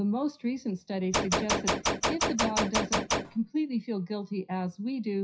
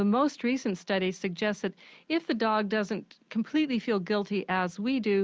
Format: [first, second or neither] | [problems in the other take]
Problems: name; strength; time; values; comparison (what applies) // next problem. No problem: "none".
second | noise reduction (classical method WPE with log-MMSE)